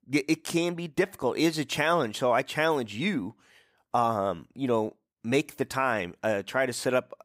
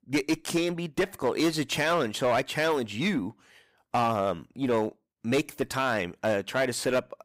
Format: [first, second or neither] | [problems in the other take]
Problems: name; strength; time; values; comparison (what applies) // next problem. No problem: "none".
first | distortion; slight; 8% of the sound clipped